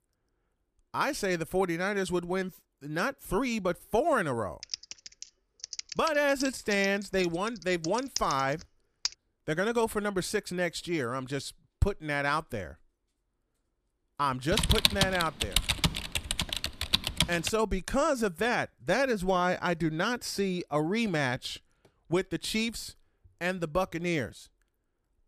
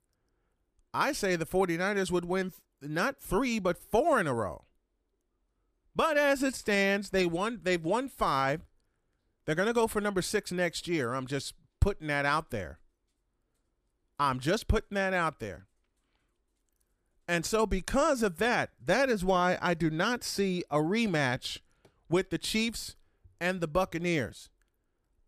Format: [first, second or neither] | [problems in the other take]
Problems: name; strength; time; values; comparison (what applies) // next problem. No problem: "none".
second | keyboard typing; noticeable; from 4.5 to 9 s; peak 4 dB below the speech // keyboard typing; loud; from 15 to 17 s; peak 6 dB above the speech